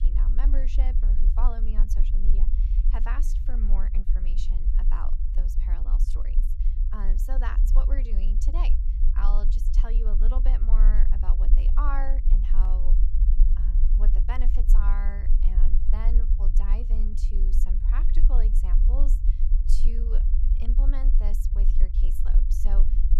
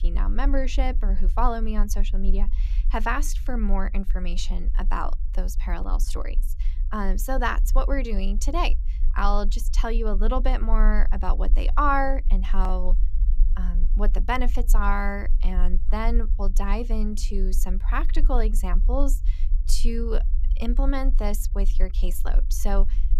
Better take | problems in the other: second | low rumble; loud; throughout; 7 dB below the speech; faint in the second

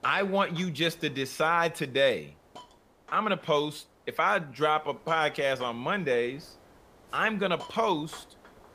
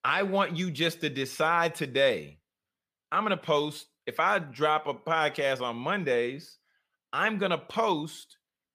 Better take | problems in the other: second | hiss; faint; throughout; 25 dB below the speech

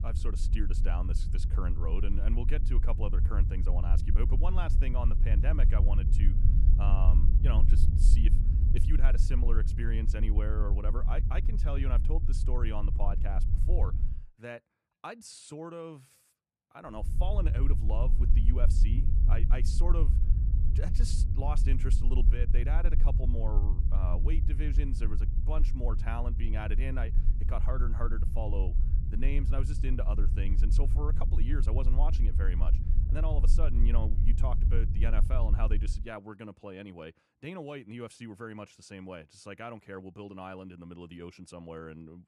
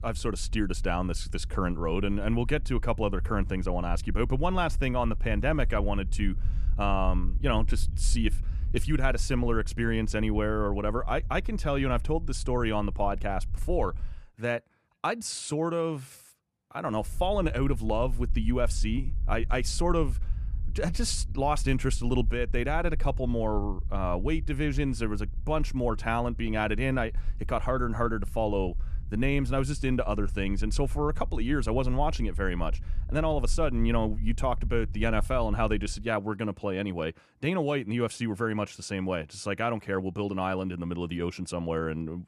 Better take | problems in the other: second | low rumble; loud; until 14 s and from 17 to 36 s; 6 dB below the speech; faint in the second

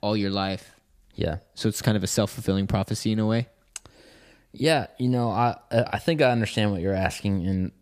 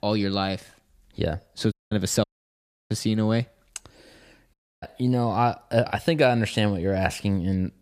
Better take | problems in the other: first | audio cutting out; at 1.5 s, at 2 s for 0.5 s and at 4.5 s

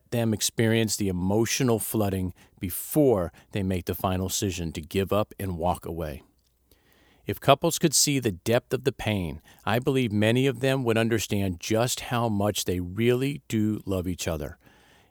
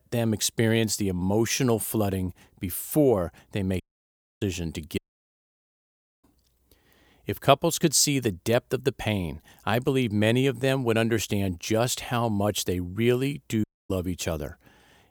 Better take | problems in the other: first | audio cutting out; at 4 s for 0.5 s, at 5 s for 1.5 s and at 14 s

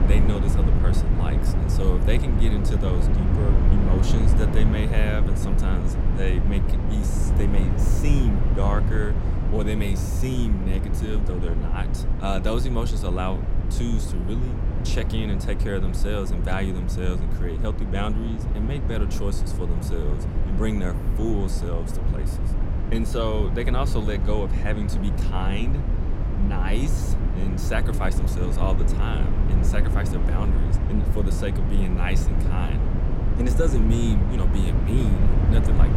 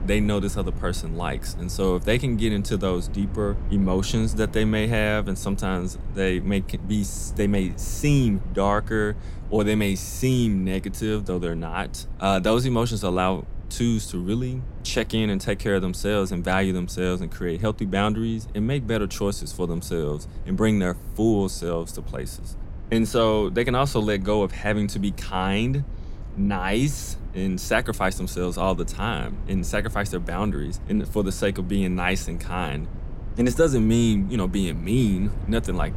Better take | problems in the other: second | low rumble; loud; throughout; 3 dB below the speech; faint in the second

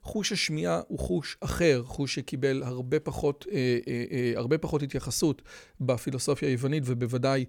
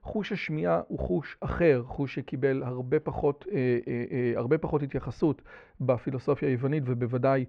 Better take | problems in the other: first | muffled; very; fading above 2.5 kHz

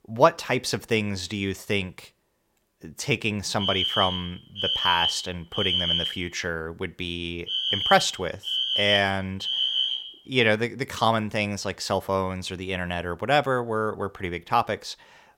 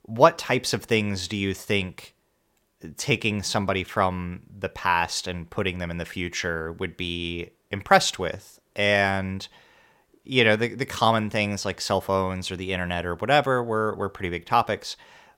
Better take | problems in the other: second | alarm; loud; from 3.5 to 10 s; peak 4 dB above the speech

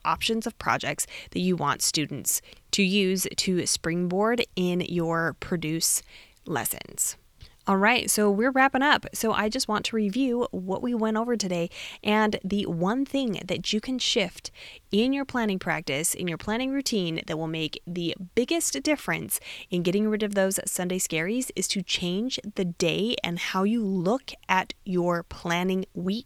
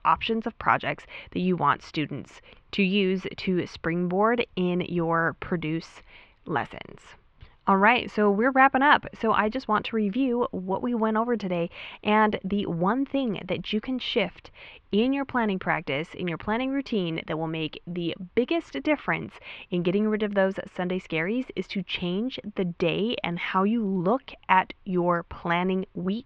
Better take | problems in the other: first | muffled; very; fading above 3 kHz

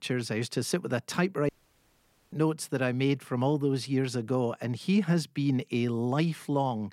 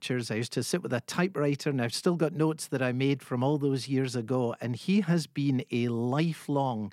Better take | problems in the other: second | audio cutting out; at 1.5 s for 1 s

